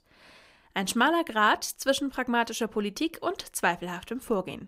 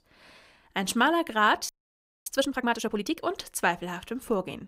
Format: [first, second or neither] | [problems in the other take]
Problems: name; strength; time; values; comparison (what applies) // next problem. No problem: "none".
first | audio freezing; at 1.5 s for 0.5 s